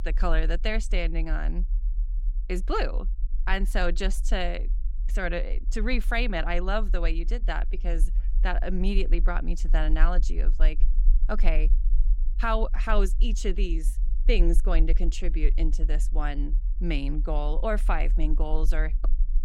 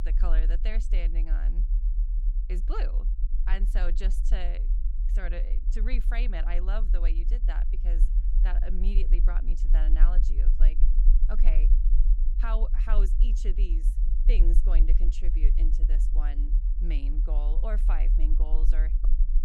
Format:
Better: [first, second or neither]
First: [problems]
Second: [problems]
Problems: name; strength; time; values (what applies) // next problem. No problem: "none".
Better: first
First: low rumble; faint; throughout; 20 dB below the speech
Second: low rumble; loud; throughout; 10 dB below the speech